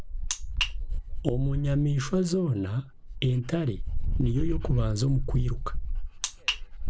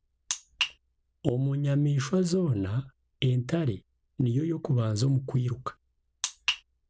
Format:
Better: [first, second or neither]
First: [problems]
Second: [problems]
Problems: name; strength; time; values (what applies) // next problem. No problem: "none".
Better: second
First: background sound (Dog); 1 dB below the speech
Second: none